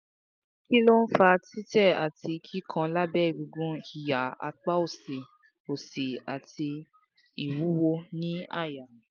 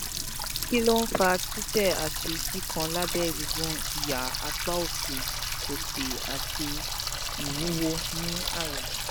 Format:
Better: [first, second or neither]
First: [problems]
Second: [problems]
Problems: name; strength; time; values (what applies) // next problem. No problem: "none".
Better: first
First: none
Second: background sound (Water tap, faucet); as loud as the speech